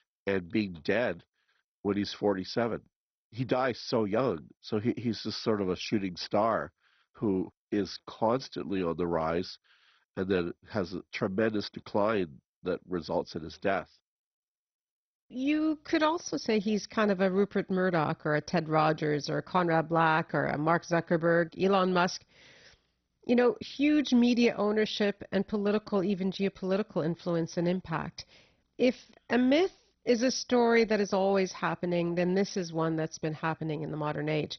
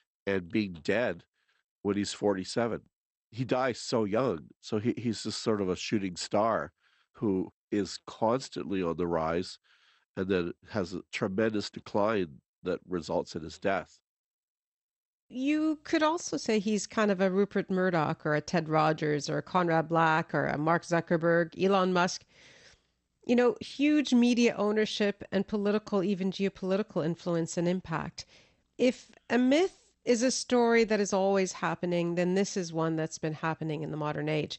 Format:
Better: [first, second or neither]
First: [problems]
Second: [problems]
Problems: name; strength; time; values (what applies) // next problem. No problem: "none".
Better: second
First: garbled, watery; badly; nothing above 6 kHz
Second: garbled, watery; slightly; nothing above 8 kHz